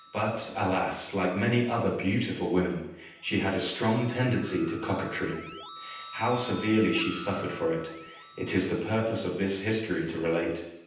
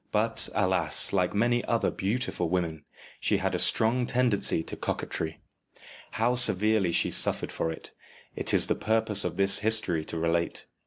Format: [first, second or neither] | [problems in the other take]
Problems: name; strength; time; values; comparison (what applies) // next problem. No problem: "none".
second | background sound (Keyboard (musical)); 18 dB below the speech // room echo; dies away in 0.9 s